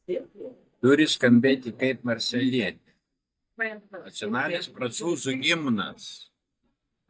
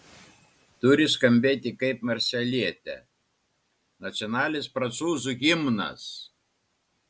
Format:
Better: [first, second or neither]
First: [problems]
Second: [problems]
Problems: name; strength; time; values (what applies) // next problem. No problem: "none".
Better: second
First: noise reduction (neural mask model DeepFilterNet 3)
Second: none